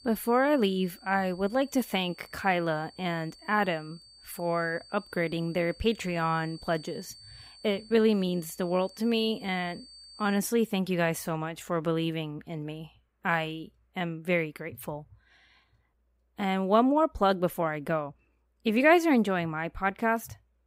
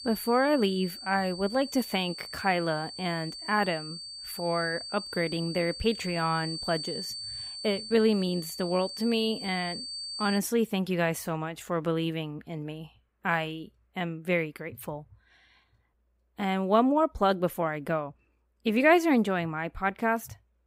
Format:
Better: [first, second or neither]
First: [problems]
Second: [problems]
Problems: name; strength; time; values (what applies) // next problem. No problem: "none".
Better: first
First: high-pitched whine; faint; until 10 s; 4.5 kHz, 20 dB below the speech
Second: high-pitched whine; loud; until 10 s; 4.5 kHz, 9 dB below the speech